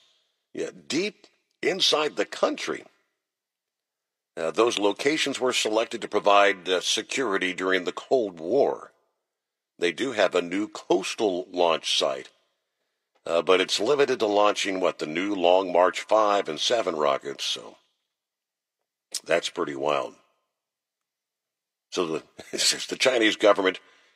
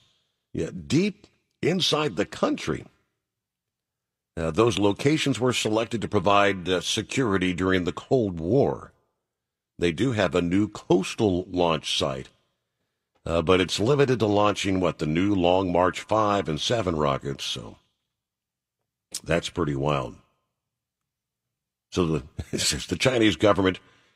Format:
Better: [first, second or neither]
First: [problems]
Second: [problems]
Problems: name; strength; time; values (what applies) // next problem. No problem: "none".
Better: second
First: thin; somewhat; fading below 450 Hz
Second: none